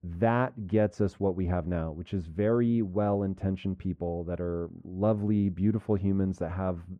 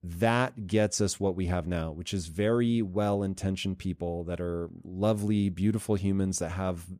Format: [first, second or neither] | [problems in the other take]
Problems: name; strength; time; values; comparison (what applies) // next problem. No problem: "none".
second | muffled; very; fading above 3.5 kHz